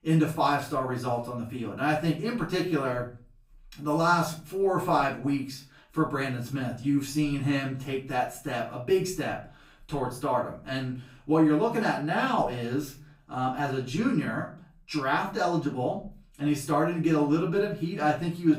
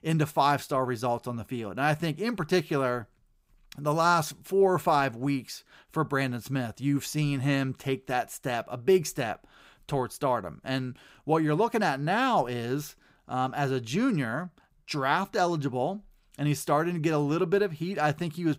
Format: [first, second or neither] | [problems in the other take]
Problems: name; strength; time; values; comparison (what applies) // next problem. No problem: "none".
second | room echo; slight; dies away in 0.3 s // off-mic speech; far